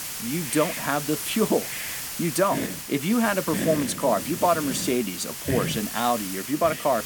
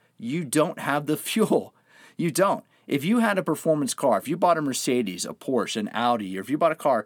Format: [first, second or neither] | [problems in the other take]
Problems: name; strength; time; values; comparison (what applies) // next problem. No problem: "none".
second | hiss; loud; throughout; 5 dB below the speech